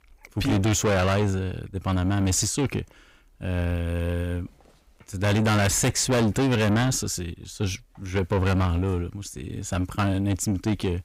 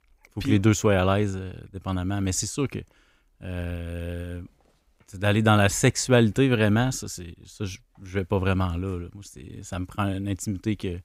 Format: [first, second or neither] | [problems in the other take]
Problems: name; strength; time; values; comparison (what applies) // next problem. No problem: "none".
second | distortion; heavy; 6 dB below the speech